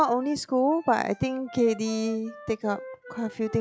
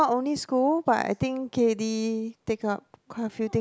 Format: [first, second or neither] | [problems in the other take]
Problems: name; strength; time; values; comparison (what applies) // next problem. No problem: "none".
second | noise reduction (classical method log-MMSE)